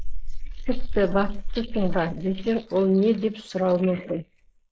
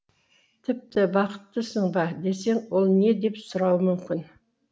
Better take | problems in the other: second | noise reduction (neural mask model Resemble Enhance denoiser)

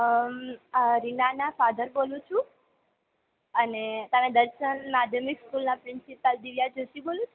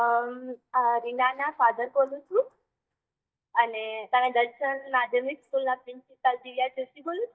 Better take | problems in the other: first | noise reduction (neural mask model DeepFilterNet 3)

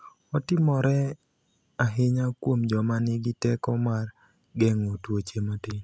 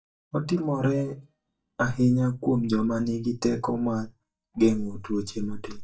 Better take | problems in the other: first | noise reduction (neural mask model DeepFilterNet 3)

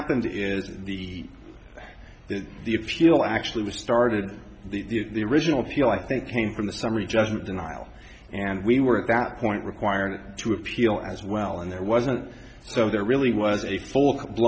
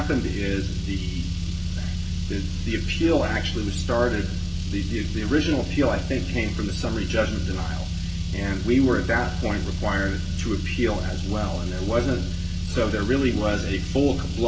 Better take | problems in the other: first | background sound (Car); 1 dB below the speech // room echo; dies away in 0.2 s

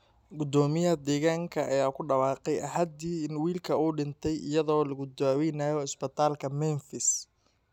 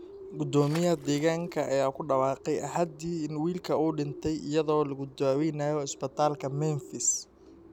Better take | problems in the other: first | background sound (Water / Splash, splatter + Bird); 17 dB below the speech

